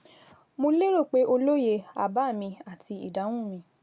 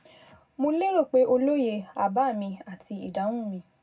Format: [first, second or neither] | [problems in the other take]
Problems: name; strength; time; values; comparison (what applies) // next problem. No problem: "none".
first | room echo; dies away in 0.3 s